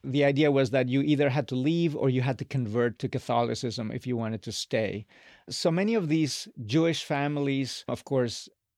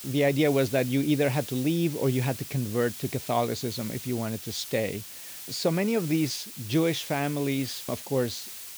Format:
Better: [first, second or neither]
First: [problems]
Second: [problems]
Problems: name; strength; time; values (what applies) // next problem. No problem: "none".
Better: first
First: none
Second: hiss; noticeable; throughout; 10 dB below the speech